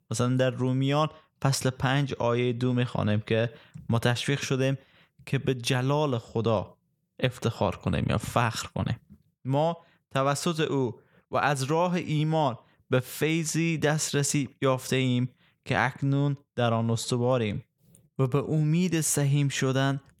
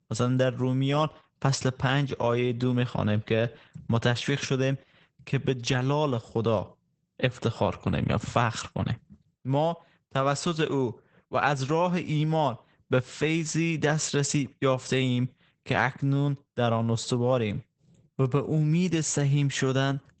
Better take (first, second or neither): first